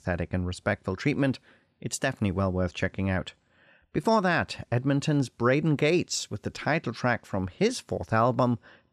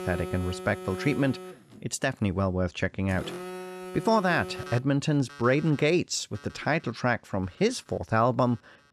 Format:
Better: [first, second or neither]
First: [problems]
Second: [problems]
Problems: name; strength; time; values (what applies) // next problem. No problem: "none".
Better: first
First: none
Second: alarms or sirens; noticeable; throughout; 10 dB below the speech